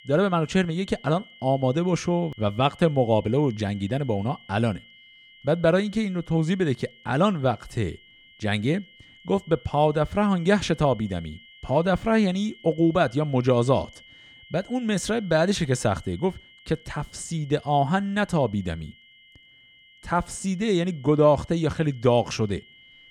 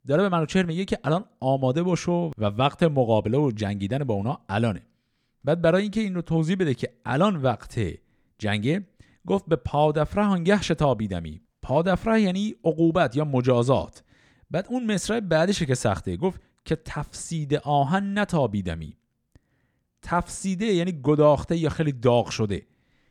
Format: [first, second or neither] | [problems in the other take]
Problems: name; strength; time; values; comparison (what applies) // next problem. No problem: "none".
second | high-pitched whine; faint; throughout; 2 kHz, 25 dB below the speech